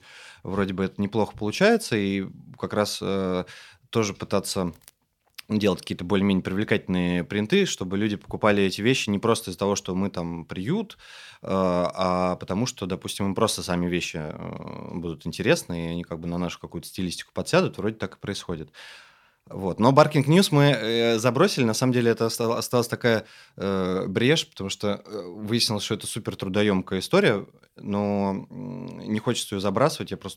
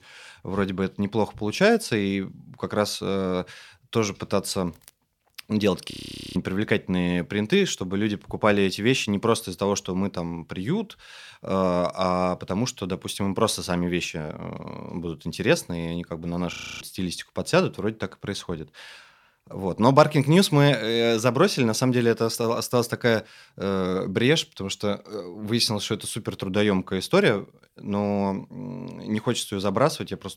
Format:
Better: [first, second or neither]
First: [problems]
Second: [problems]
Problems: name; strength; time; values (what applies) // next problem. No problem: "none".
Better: first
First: none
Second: audio freezing; at 6 s and at 17 s